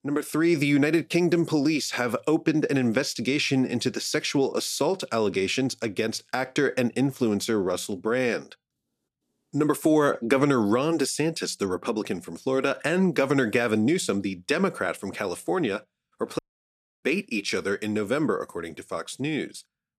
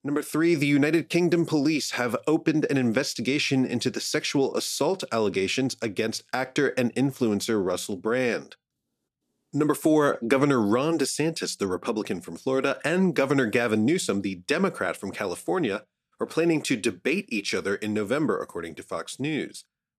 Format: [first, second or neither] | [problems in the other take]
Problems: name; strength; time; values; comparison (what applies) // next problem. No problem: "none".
second | audio cutting out; at 16 s for 0.5 s